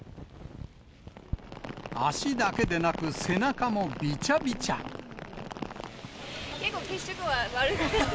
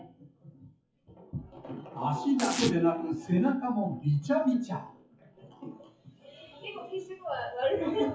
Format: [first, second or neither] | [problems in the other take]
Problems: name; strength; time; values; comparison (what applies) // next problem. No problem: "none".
first | noise reduction (classical method WPE with log-MMSE)